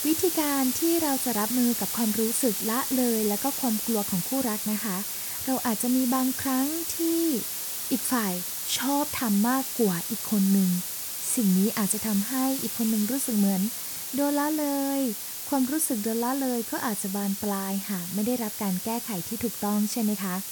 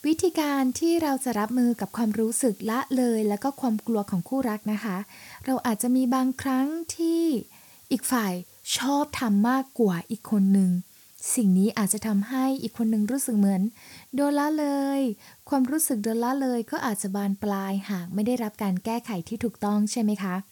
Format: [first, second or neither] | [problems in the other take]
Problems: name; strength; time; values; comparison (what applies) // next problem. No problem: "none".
second | hiss; loud; throughout; 2 dB below the speech; faint in the second